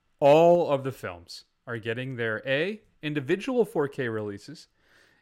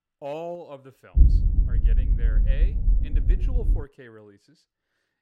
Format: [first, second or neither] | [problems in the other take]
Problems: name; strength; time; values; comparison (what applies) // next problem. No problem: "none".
first | low rumble; loud; from 1 to 4 s; 4 dB below the speech